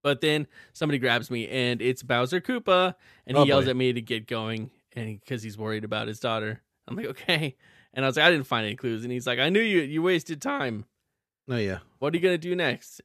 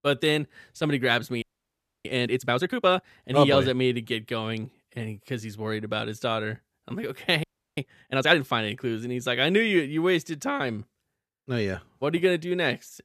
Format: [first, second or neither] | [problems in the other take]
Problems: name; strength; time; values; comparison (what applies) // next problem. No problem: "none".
first | audio freezing; at 1.5 s for 0.5 s and at 7.5 s